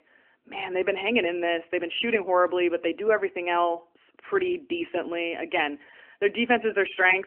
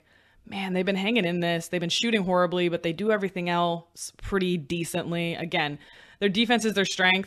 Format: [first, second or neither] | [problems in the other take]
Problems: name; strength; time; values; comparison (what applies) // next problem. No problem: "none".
second | phone-call audio; nothing above 3 kHz